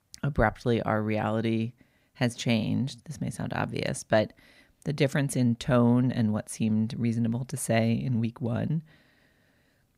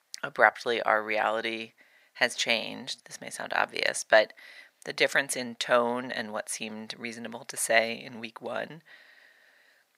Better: first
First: none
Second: thin; very; fading below 650 Hz

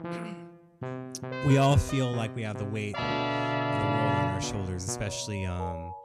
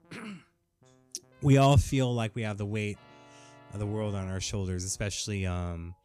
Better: second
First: background music; loud; throughout; 3 dB below the speech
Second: background music; faint; throughout; 30 dB below the speech

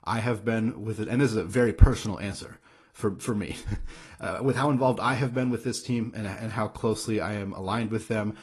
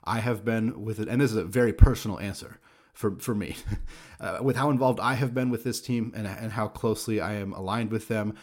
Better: second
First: garbled, watery; slightly; nothing above 11.5 kHz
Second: none

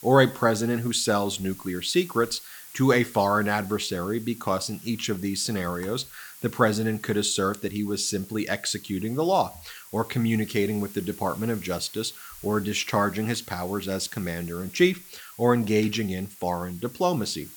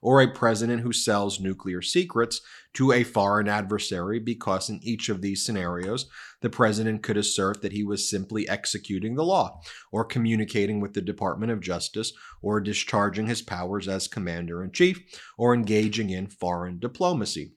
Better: second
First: hiss; noticeable; throughout; 15 dB below the speech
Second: none

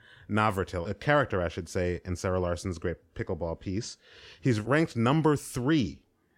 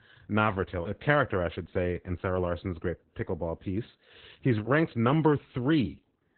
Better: first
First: none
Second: garbled, watery; badly; nothing above 4 kHz

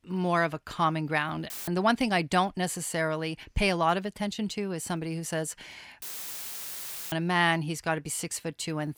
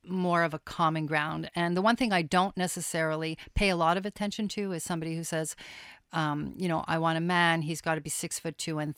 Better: second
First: audio cutting out; filled with static; at 1.5 s and at 6 s for 1 s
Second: none

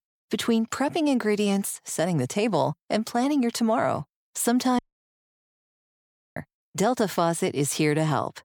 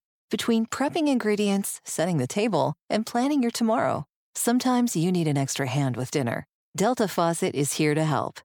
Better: second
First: audio cutting out; at 5 s for 1.5 s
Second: none

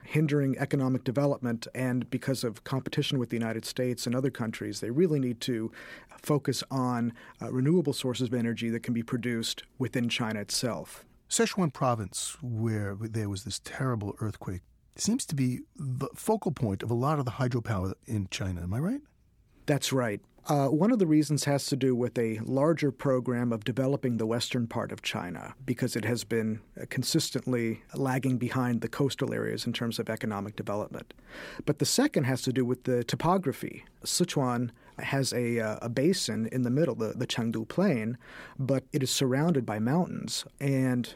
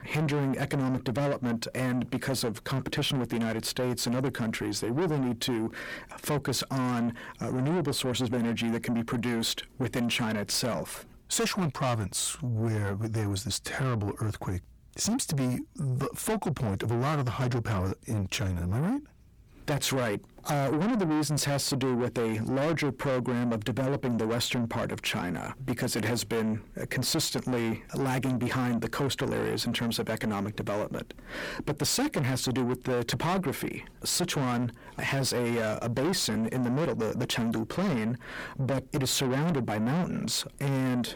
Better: first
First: none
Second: distortion; heavy; 6 dB below the speech

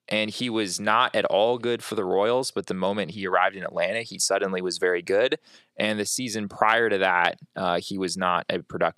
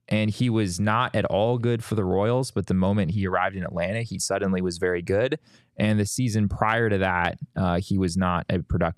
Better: second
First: thin; somewhat; fading below 350 Hz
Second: none

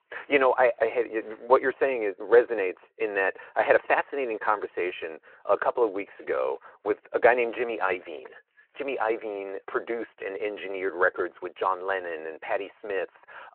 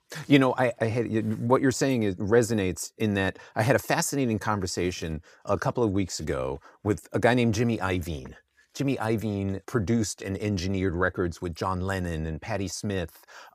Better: second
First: phone-call audio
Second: none

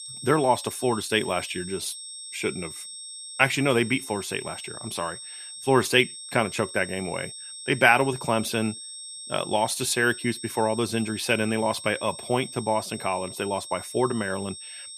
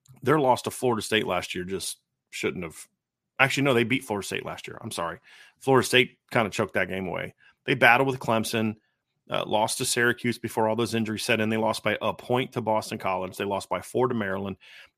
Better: second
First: high-pitched whine; noticeable; throughout; 8.5 kHz, 10 dB below the speech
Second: none

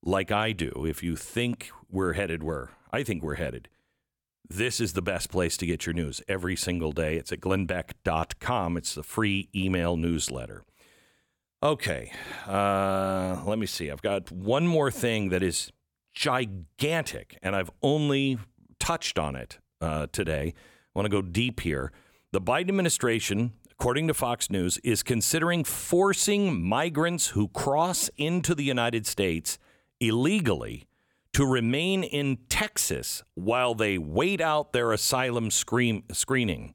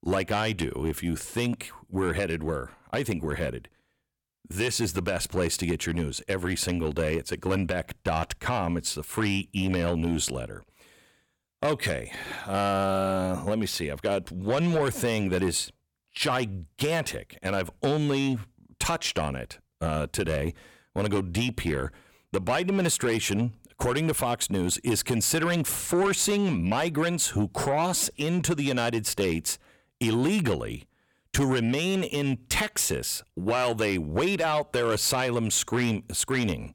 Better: first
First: none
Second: distortion; slight; 10 dB below the speech

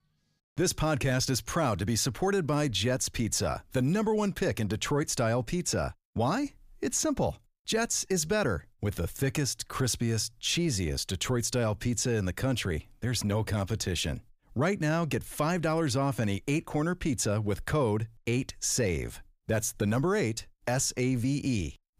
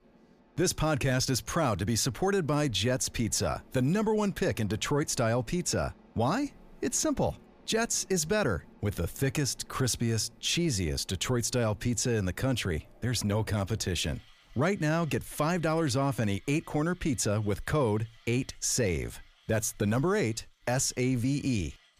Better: first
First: none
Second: machinery noise; faint; throughout; 30 dB below the speech

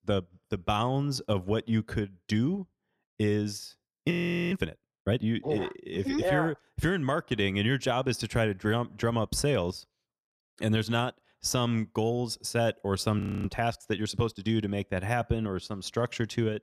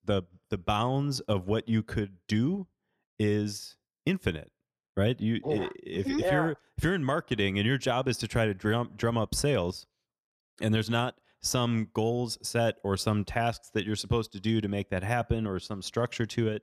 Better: second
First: audio freezing; at 4 s and at 13 s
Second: none

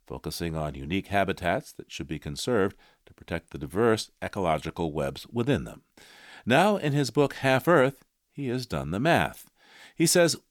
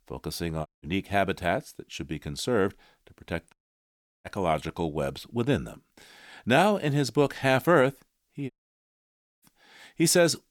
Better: first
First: none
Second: audio cutting out; at 0.5 s, at 3.5 s for 0.5 s and at 8.5 s for 1 s

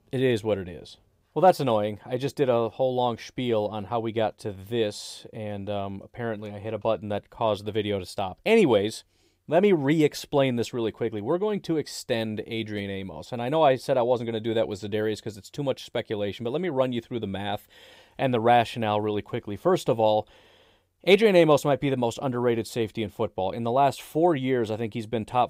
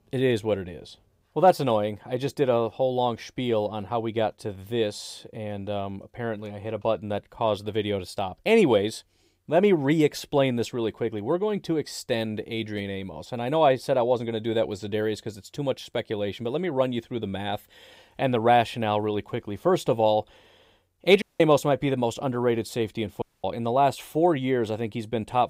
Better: first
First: none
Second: audio cutting out; at 21 s and at 23 s

